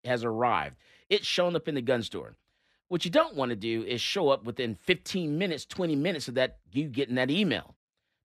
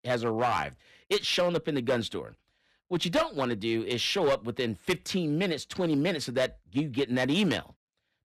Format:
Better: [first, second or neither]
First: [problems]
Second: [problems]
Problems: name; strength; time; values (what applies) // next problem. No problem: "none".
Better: first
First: none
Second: distortion; slight; 5% of the sound clipped